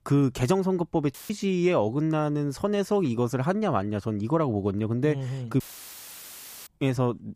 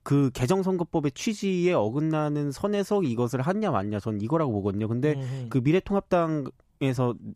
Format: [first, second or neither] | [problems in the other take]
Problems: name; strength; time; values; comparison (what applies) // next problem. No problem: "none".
second | audio cutting out; filled with static; at 1 s and at 5.5 s for 1 s